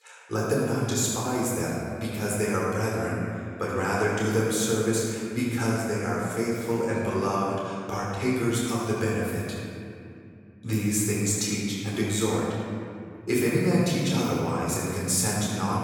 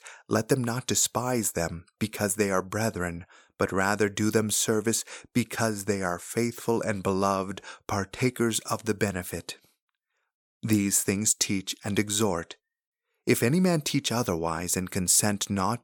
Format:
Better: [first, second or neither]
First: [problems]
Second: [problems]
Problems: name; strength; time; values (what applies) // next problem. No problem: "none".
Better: second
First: off-mic speech; far // room echo; strong; dies away in 2.3 s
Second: none